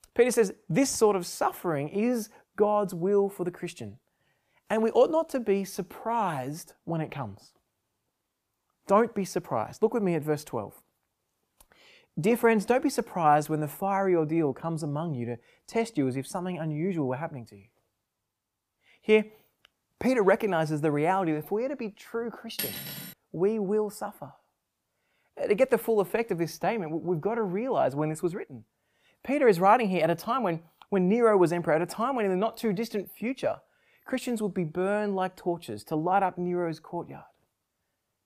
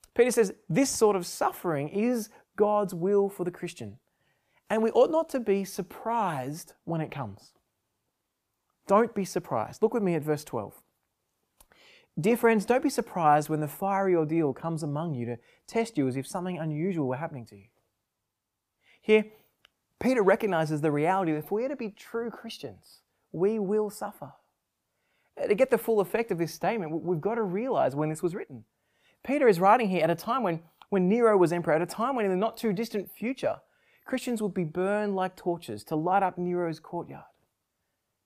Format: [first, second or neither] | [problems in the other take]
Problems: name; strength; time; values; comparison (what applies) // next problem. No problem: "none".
second | clattering dishes; noticeable; at 23 s; peak 5 dB below the speech